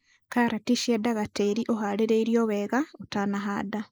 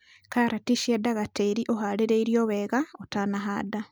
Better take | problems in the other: second | noise reduction (neural mask model Resemble Enhance denoiser)

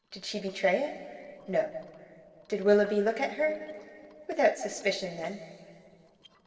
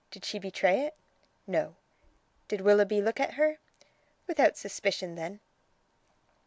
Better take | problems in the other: second | noise reduction (neural separator model SepFormer DNS4)

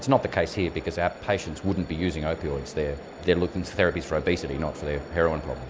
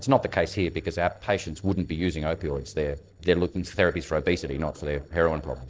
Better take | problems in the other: first | noise reduction (neural separator model SepFormer DNS4)

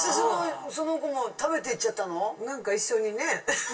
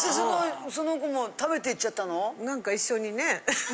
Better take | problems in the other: second | room echo; dies away in 0.1 s

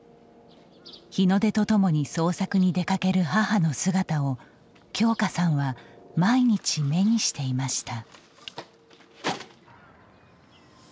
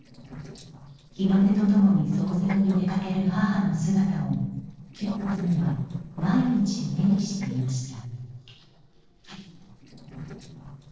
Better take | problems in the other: first | noise reduction (neural separator model SepFormer DNS4)

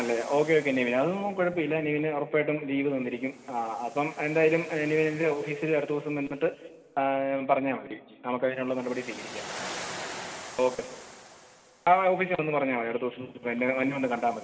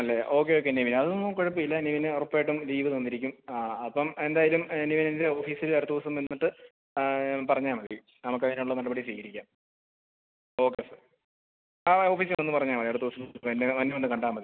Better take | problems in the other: second | background sound (Waves, surf); 17 dB below the speech // room echo; dies away in 1.9 s

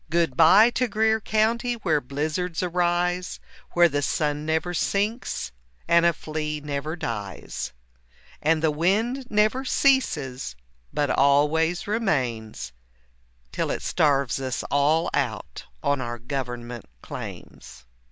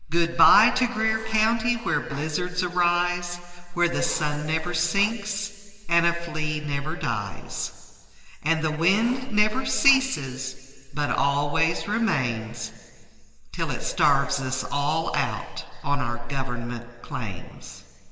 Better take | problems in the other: first | background sound (Writing); 19 dB below the speech // room echo; dies away in 1.9 s

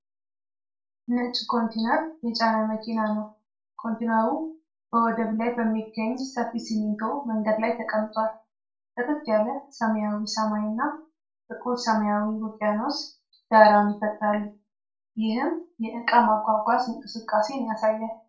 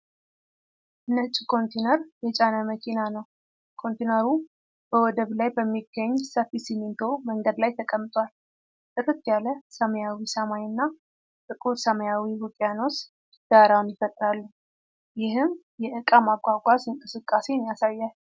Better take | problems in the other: second | room echo; dies away in 0.3 s

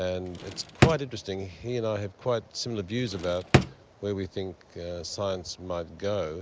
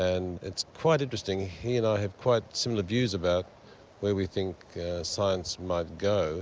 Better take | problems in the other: second | background sound (Drawer open or close); 4 dB above the speech

